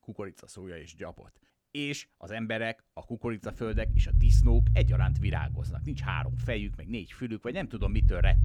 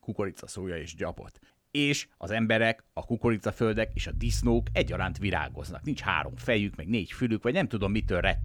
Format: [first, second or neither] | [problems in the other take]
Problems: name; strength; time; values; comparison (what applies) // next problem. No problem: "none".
second | low rumble; loud; from 3.5 s on; 7 dB below the speech; faint in the second